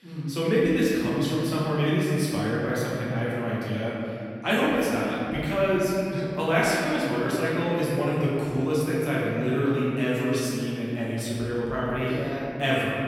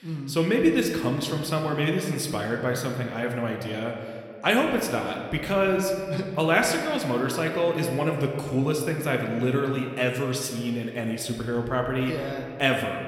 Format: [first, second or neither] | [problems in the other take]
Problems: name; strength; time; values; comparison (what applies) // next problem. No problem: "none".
second | room echo; strong; dies away in 2.9 s; slight in the second // off-mic speech; far